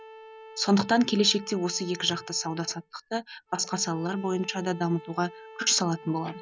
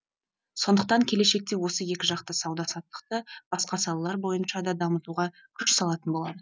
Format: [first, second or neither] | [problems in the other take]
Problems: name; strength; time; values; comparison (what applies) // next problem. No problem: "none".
second | background sound (Bowed string instrument); 18 dB below the speech